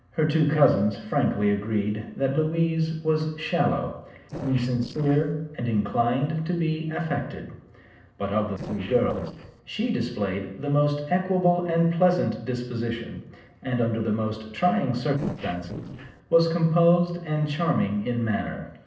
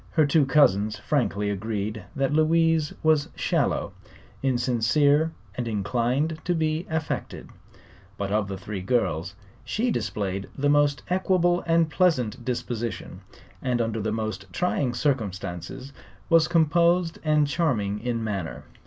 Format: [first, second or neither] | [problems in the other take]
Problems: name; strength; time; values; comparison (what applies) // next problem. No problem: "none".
second | noise reduction (neural separator model SepFormer DNS4)